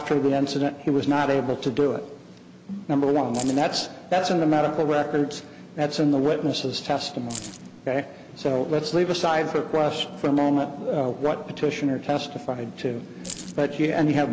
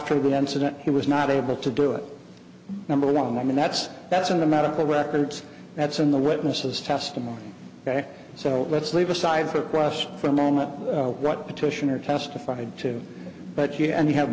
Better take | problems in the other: second | background sound (Keys jangling); 14 dB below the speech

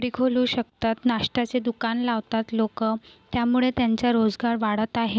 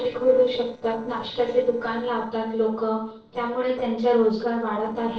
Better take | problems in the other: first | noise reduction (neural separator model SepFormer DNS4)

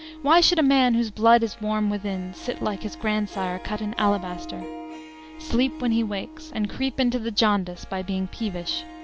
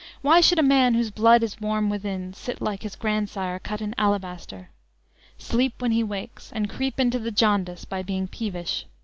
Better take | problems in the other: second | background sound (Harp); 16 dB below the speech

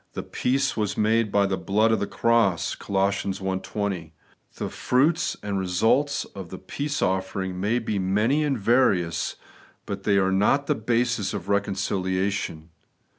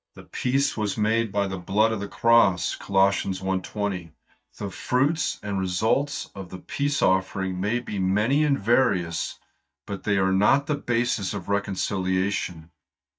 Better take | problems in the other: first | noise reduction (neural mask model DeepFilterNet 3)

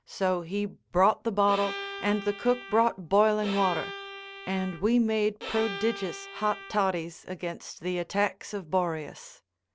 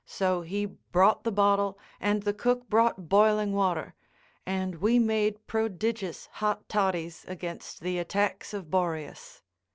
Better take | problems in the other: second | background sound (Bowed string instrument); 11 dB below the speech

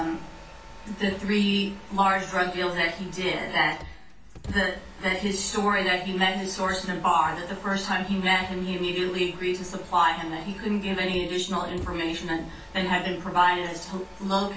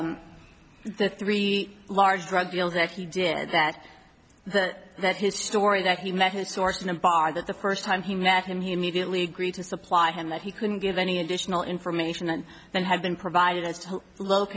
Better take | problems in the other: second | background sound (Mechanisms); 17 dB below the speech // room echo; dies away in 0.3 s

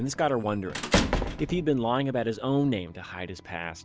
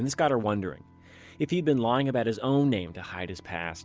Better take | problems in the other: second | background sound (Squeak / Slam / Human group actions); 4 dB below the speech

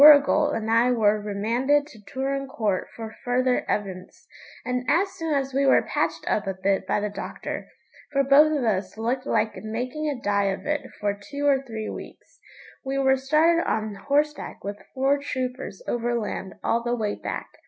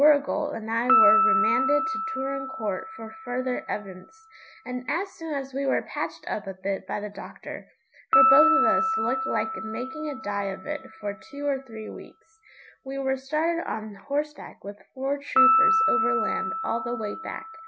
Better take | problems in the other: first | background sound (Piano); 1 dB above the speech

